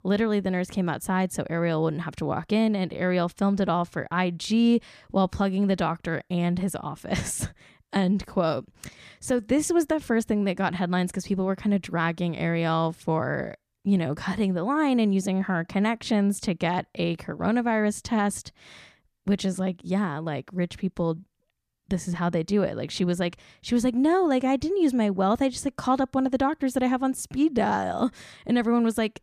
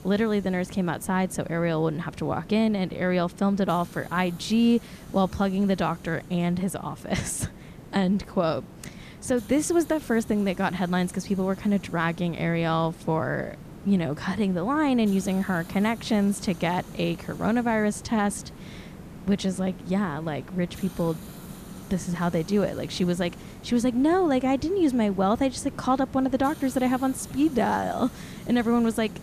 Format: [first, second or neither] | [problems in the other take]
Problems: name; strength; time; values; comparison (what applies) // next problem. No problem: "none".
first | hiss; noticeable; throughout; 15 dB below the speech